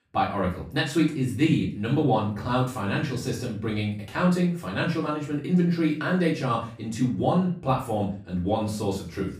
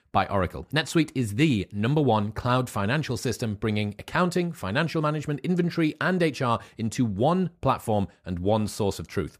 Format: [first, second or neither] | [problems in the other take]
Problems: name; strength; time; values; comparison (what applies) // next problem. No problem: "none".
second | off-mic speech; far // room echo; slight; dies away in 0.4 s